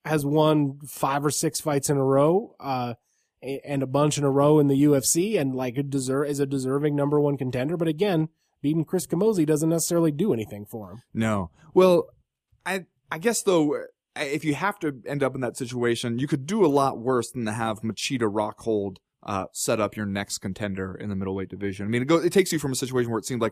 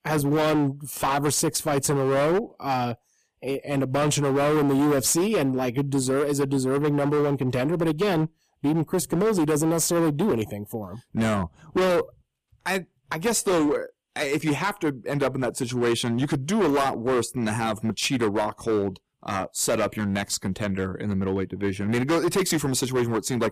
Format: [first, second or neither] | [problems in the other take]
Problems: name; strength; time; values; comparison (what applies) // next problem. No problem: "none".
first | distortion; heavy; 15% of the sound clipped